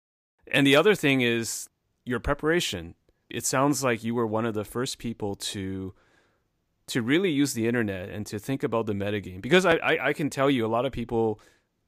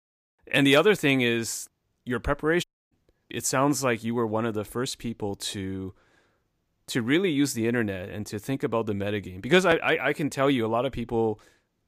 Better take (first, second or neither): first